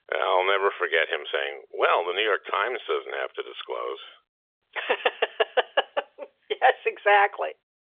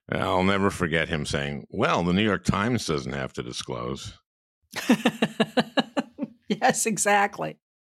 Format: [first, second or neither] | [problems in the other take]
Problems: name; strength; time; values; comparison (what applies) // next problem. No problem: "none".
second | phone-call audio; nothing above 3.5 kHz